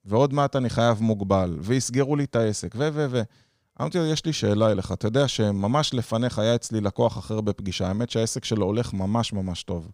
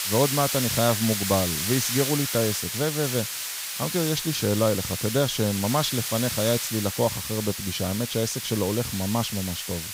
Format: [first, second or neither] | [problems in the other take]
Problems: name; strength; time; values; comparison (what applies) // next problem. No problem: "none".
first | hiss; loud; throughout; 2 dB below the speech